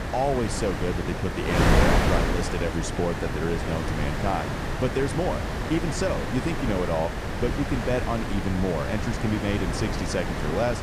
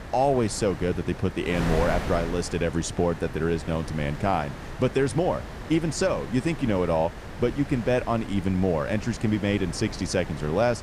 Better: second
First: wind noise on the microphone; heavy; as loud as the speech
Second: wind noise on the microphone; occasional gusts; 10 dB below the speech

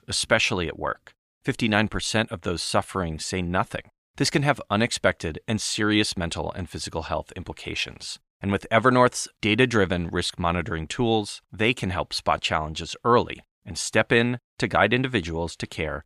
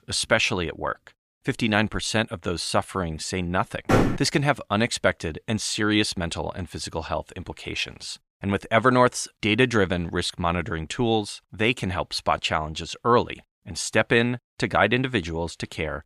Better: first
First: none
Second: door banging; loud; at 4 s; peak 3 dB above the speech

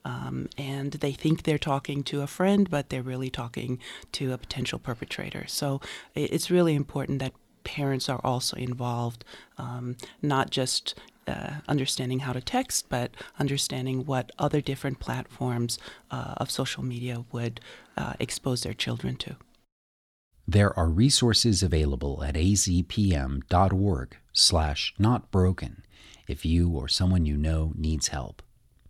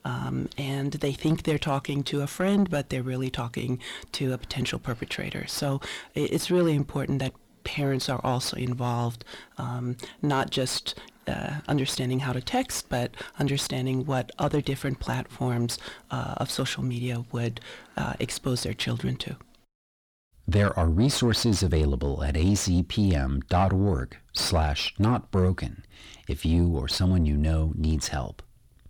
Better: first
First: none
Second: distortion; slight; 10 dB below the speech

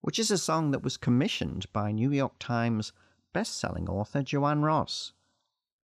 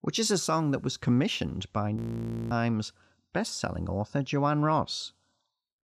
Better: first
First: none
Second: audio freezing; at 2 s for 0.5 s

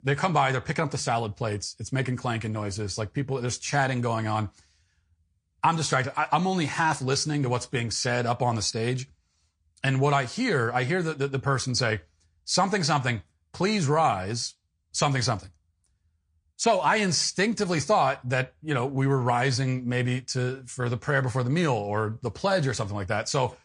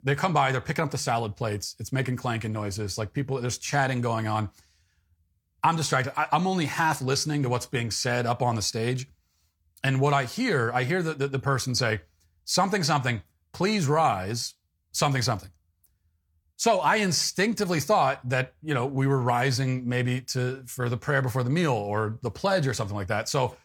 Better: second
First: garbled, watery; slightly; nothing above 8.5 kHz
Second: none

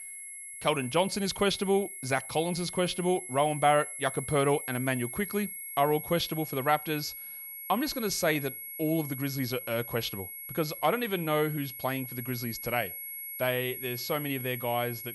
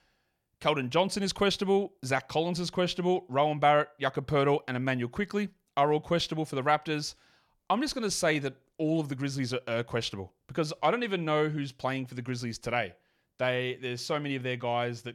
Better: second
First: high-pitched whine; loud; throughout; 11.5 kHz, 8 dB below the speech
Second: none

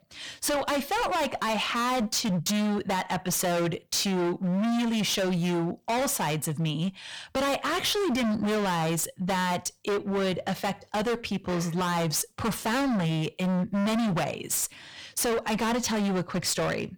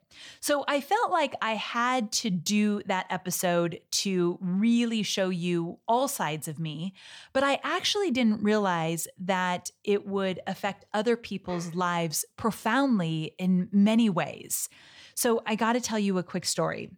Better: second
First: distortion; heavy; 35% of the sound clipped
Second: none

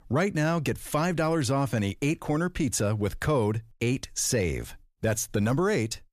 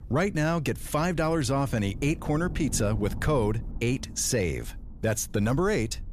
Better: first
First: none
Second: low rumble; faint; throughout; 20 dB below the speech

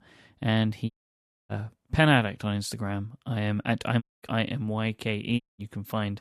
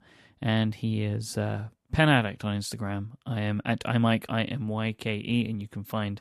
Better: second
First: audio cutting out; at 1 s for 0.5 s, at 4 s and at 5.5 s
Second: none

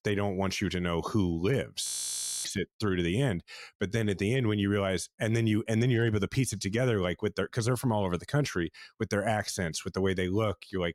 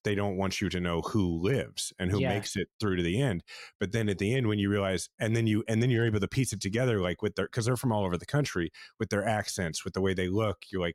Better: second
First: audio freezing; at 2 s for 0.5 s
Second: none

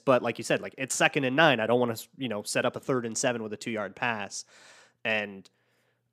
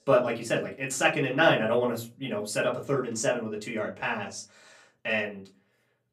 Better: first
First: none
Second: off-mic speech; far // room echo; very slight; dies away in 0.2 s

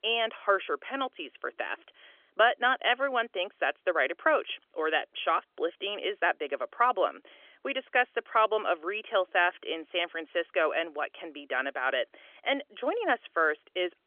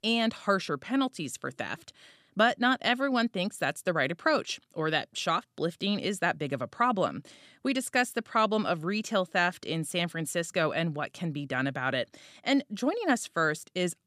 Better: second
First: phone-call audio; nothing above 3.5 kHz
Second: none

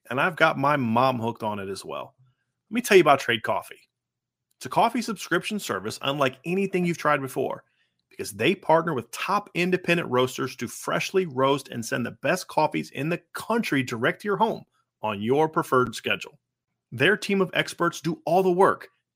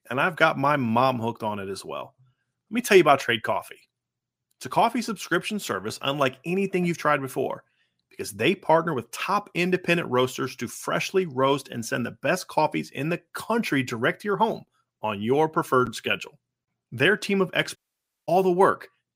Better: first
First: none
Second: audio cutting out; at 18 s for 0.5 s

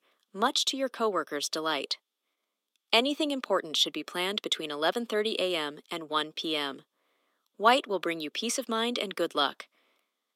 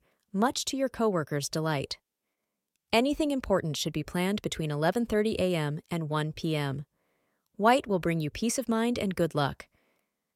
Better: second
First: thin; somewhat; fading below 250 Hz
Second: none

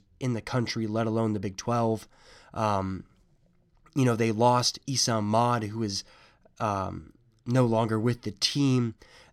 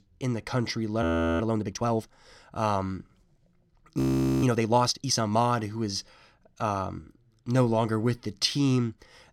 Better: first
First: none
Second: audio freezing; at 1 s and at 4 s

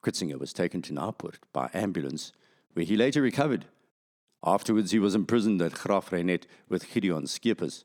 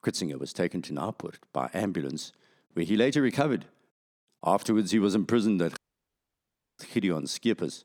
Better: first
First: none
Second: audio cutting out; at 6 s for 1 s

